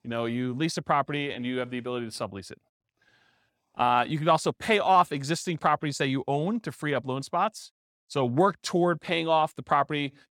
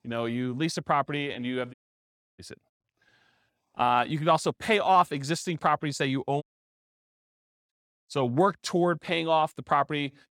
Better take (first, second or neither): first